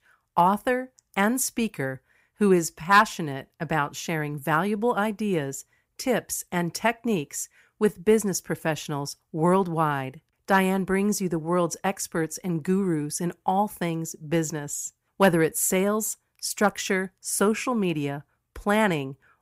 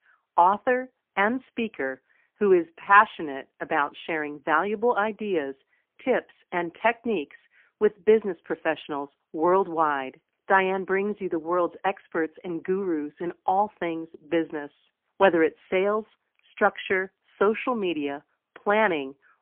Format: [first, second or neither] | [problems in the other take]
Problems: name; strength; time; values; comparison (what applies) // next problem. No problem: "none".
first | phone-call audio; poor line; nothing above 3 kHz